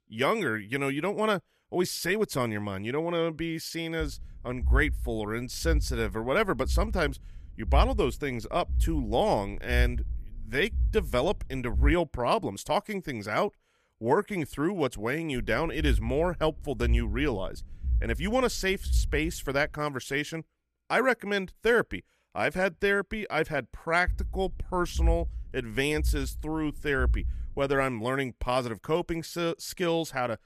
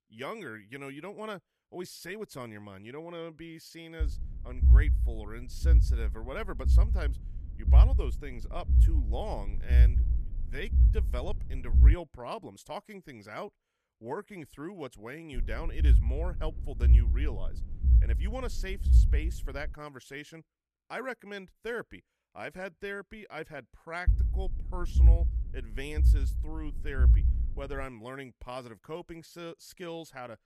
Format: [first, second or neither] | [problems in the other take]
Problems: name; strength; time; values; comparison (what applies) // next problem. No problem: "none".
first | low rumble; loud; from 4 to 12 s, from 15 to 20 s and from 24 to 28 s; 6 dB below the speech; faint in the first